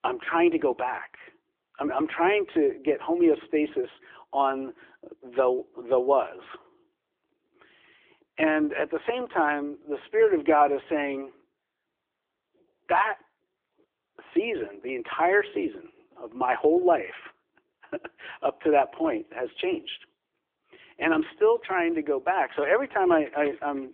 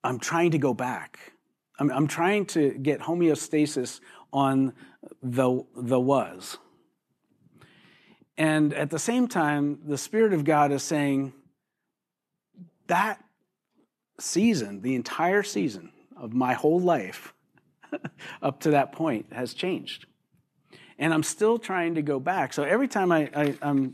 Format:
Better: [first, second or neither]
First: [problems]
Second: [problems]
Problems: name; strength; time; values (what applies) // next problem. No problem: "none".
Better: second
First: phone-call audio; nothing above 3.5 kHz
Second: none